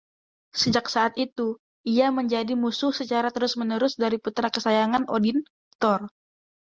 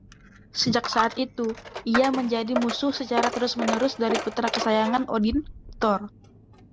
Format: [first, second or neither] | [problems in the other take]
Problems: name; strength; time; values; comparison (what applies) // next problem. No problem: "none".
first | background sound (Coin (dropping)); 7 dB below the speech